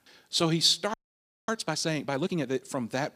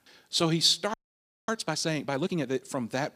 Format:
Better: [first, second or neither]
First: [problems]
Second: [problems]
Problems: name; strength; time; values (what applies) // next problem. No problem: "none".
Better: neither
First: audio freezing; at 1 s for 0.5 s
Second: audio freezing; at 1 s for 0.5 s